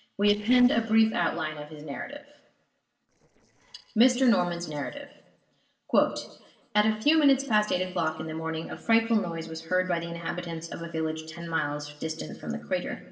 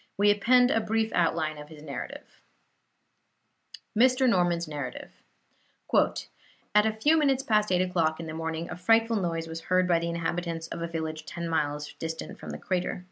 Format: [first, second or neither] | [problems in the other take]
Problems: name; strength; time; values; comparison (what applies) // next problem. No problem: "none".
second | noise reduction (neural separator model SepFormer DNS4)